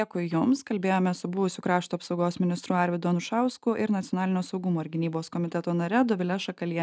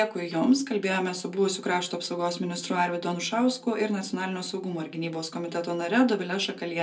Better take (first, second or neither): first